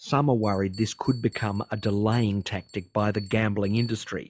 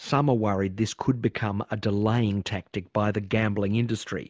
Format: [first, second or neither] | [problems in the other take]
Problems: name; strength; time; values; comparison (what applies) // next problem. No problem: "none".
second | noise reduction (classical method log-MMSE)